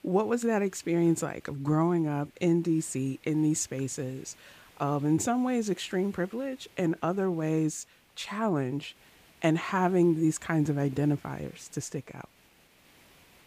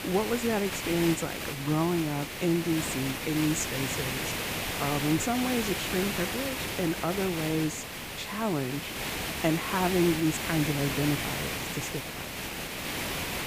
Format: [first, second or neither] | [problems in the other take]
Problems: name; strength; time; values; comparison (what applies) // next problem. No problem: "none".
first | hiss; loud; throughout; 2 dB below the speech; faint in the first